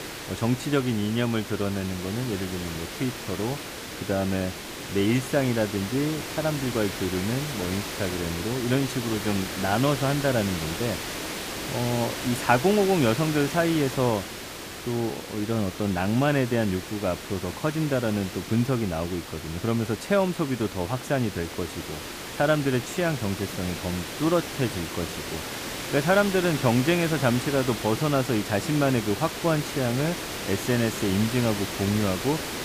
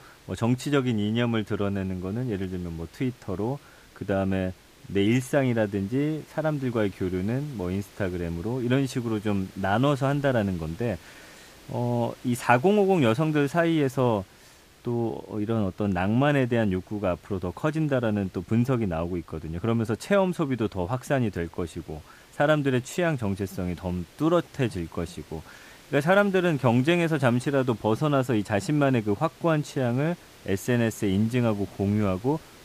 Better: second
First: hiss; loud; throughout; 7 dB below the speech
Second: hiss; faint; throughout; 25 dB below the speech

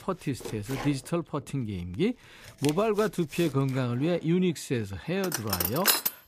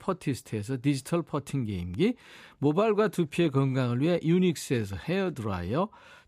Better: second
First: household noises; loud; throughout; 1 dB below the speech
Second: none

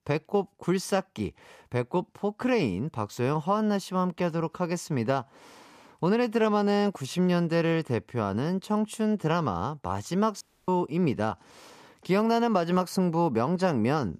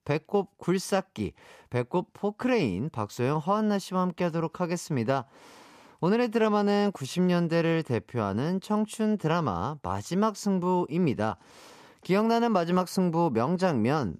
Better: second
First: audio cutting out; at 10 s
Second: none

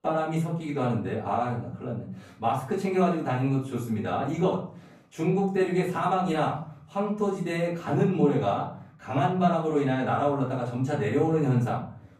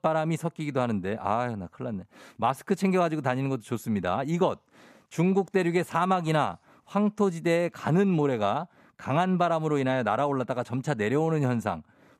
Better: second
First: off-mic speech; far // room echo; slight; dies away in 0.5 s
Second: none

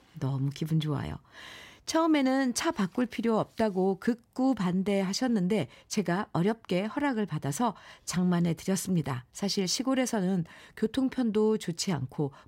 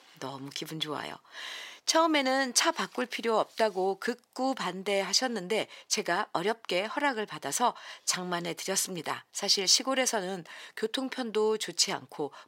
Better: first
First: none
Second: thin; somewhat; fading below 500 Hz

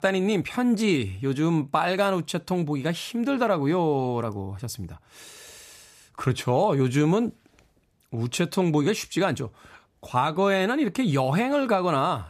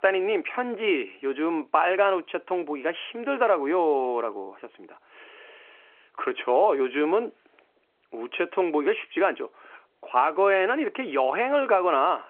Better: first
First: none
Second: phone-call audio

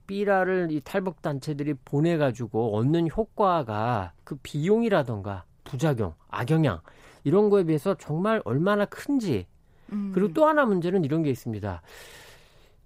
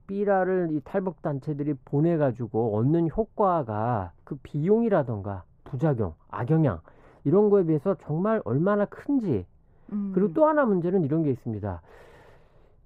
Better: first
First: none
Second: muffled; very; fading above 2 kHz

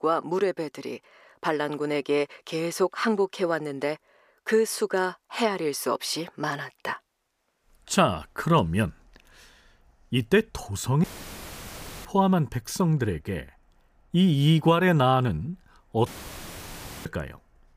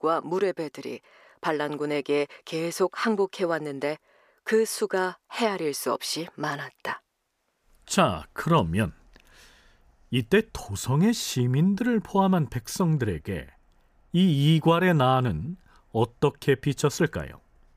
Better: second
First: audio cutting out; filled with static; at 11 s for 1 s and at 16 s for 1 s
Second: none

